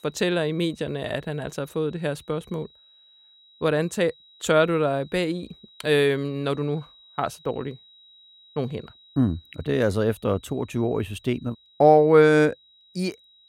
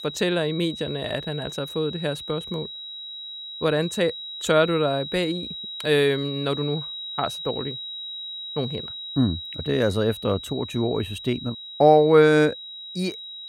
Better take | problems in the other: first | high-pitched whine; loud; throughout; 4 kHz, 10 dB below the speech; faint in the first

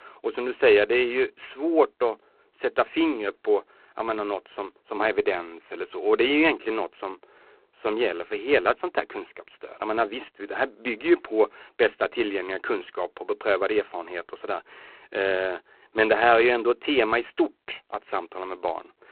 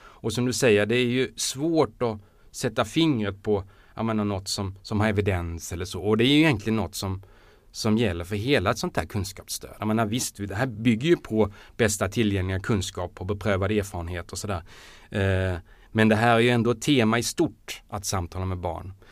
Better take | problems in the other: second | phone-call audio; poor line; nothing above 4 kHz

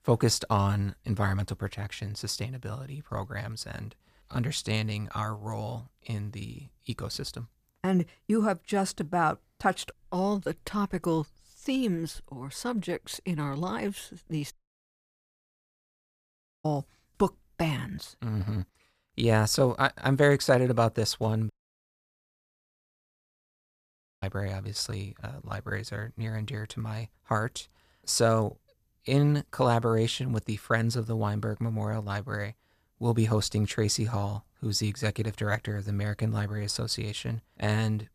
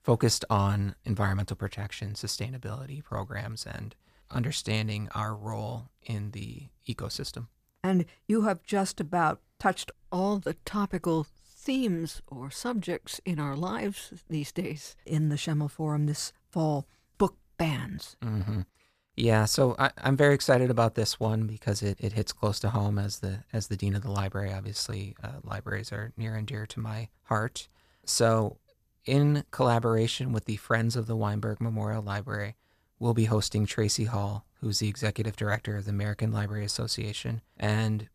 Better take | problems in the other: second | audio cutting out; at 15 s for 2 s and at 22 s for 2.5 s

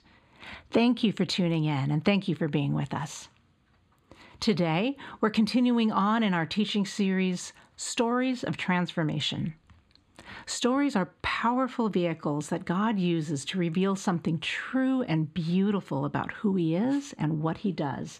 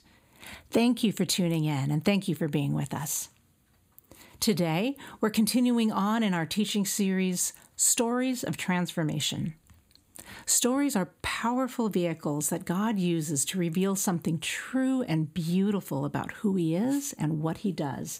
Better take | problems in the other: second | muffled; slightly; fading above 3.5 kHz

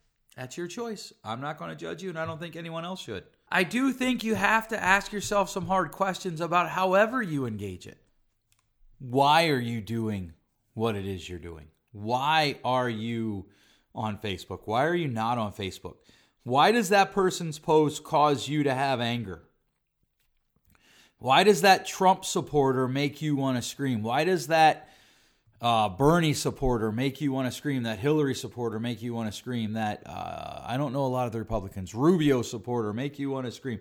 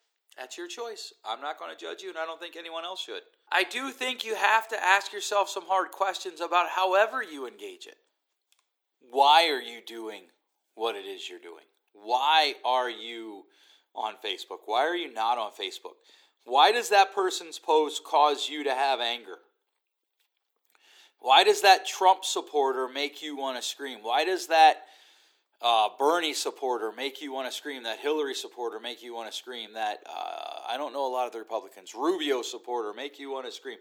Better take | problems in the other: first | thin; very; fading below 350 Hz

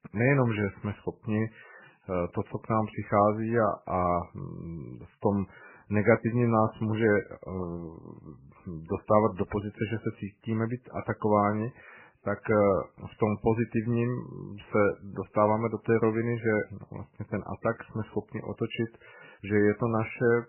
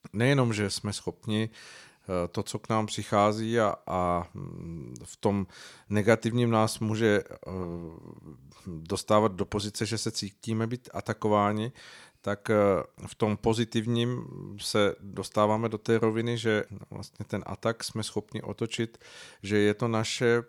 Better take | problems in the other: second | garbled, watery; badly; nothing above 3 kHz

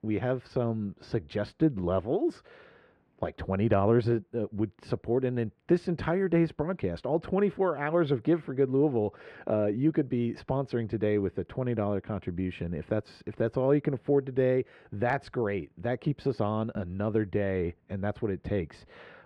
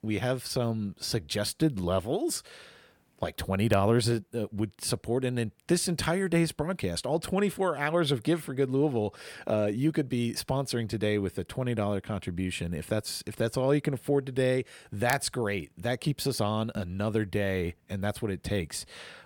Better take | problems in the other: second | muffled; very; fading above 2 kHz

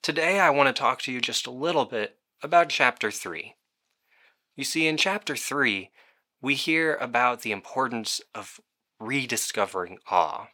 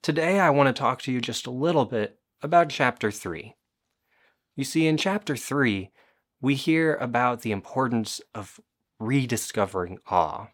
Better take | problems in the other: second | thin; somewhat; fading below 650 Hz

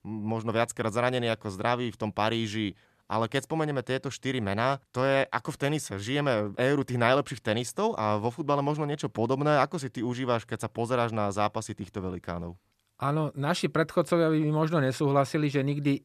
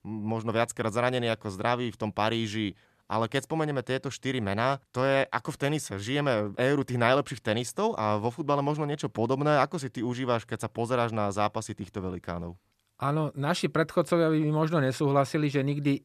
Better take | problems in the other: neither | none

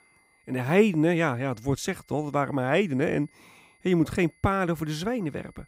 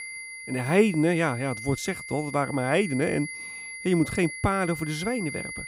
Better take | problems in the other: first | high-pitched whine; loud; throughout; 2 kHz, 9 dB below the speech; faint in the first

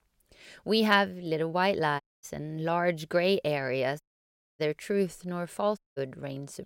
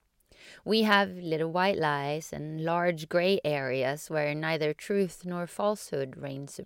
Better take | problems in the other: second | audio cutting out; at 2 s, at 4 s for 0.5 s and at 6 s

